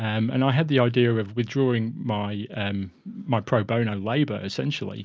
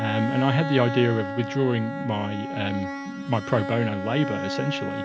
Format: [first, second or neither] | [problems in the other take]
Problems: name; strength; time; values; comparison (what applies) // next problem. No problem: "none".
first | background sound (Bowed string instrument); 6 dB below the speech